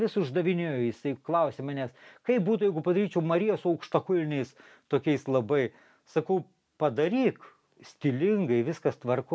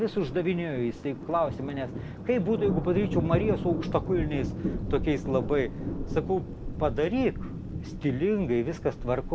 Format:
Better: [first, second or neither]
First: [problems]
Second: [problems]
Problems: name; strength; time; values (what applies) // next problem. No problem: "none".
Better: first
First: none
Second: background sound (Thunder); 5 dB below the speech